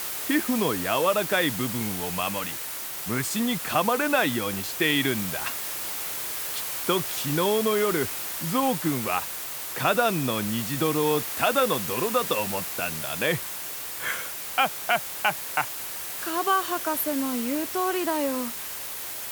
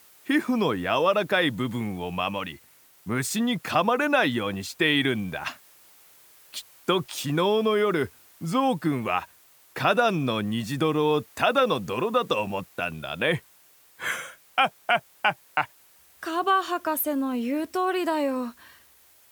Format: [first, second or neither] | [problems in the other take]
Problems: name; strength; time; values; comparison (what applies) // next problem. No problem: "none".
second | hiss; loud; throughout; 3 dB below the speech; faint in the second